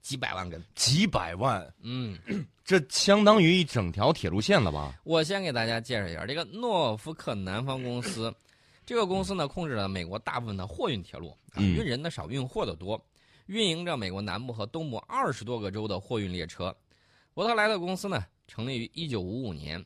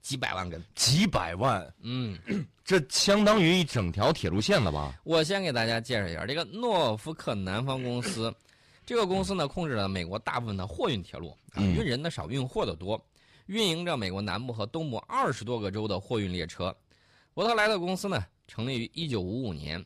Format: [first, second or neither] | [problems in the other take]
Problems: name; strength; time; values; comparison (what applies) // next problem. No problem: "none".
first | distortion; slight; 2% of the sound clipped